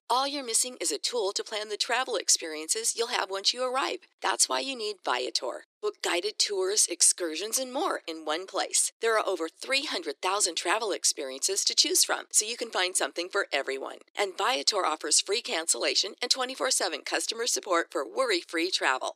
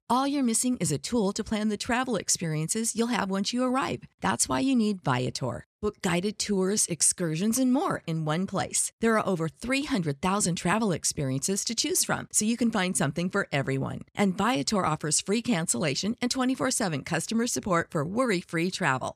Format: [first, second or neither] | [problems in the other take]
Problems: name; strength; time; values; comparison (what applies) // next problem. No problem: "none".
second | thin; very; fading below 350 Hz